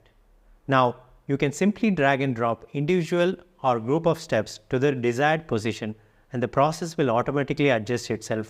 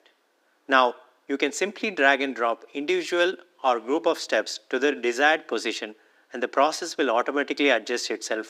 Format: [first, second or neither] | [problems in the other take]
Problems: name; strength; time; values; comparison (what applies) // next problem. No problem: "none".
first | thin; somewhat; fading below 300 Hz